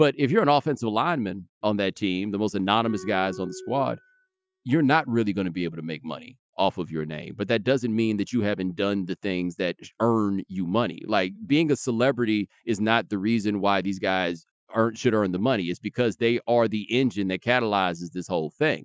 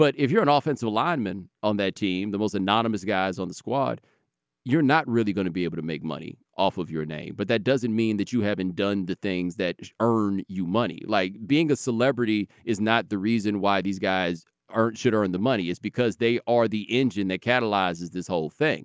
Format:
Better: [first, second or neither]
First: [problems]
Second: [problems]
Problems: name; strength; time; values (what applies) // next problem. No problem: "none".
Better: second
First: noise reduction (classical method Wiener filter)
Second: none